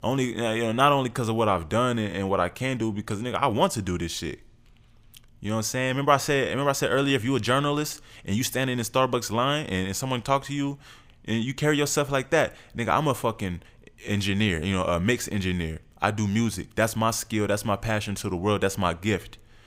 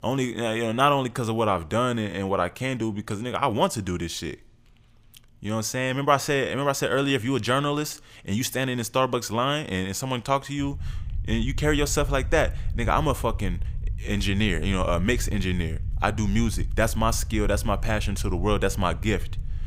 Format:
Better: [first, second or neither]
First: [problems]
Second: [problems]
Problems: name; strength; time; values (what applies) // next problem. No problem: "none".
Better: first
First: none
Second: low rumble; faint; from 11 s on; 25 dB below the speech